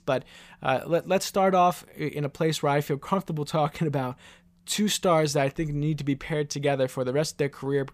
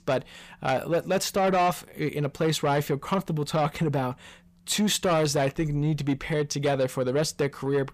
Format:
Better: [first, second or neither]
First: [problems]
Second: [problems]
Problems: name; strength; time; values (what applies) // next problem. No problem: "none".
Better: first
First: none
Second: distortion; slight; 10 dB below the speech